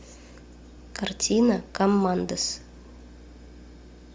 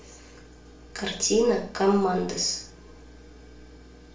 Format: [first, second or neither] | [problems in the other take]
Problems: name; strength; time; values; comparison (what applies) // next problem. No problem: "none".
first | room echo; dies away in 0.4 s